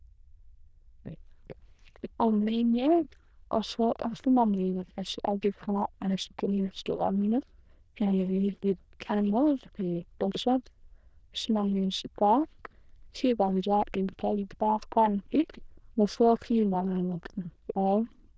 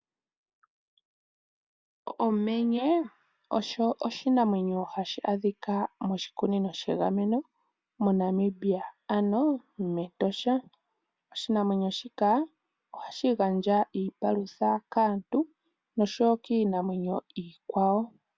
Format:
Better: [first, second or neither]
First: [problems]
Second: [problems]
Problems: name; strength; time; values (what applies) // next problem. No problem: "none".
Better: second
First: noise reduction (neural diffusion model UNIVERSE++)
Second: none